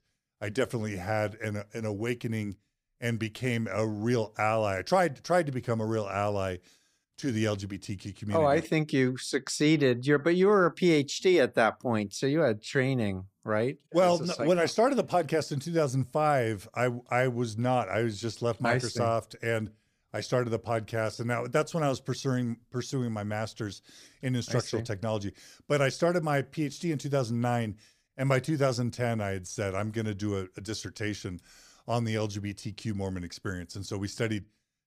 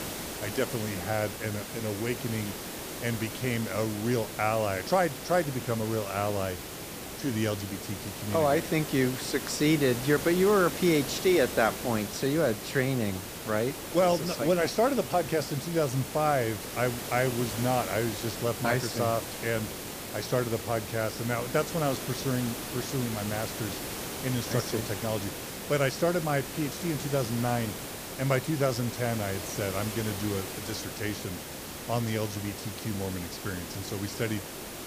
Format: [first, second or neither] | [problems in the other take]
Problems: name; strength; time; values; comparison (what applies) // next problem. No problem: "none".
first | hiss; loud; throughout; 7 dB below the speech